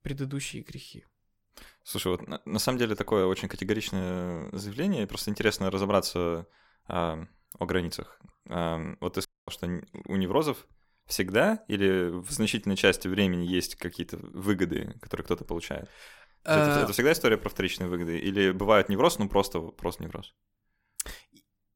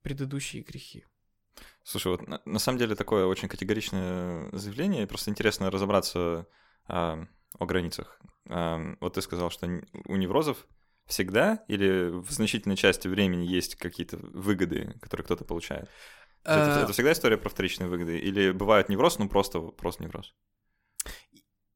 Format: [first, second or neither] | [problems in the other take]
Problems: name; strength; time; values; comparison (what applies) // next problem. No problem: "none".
second | audio cutting out; at 9.5 s